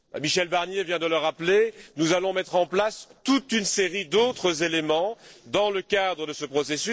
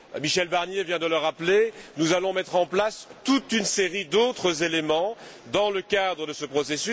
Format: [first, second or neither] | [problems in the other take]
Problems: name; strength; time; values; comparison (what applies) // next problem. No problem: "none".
second | noise reduction (neural separator model SepFormer DNS4)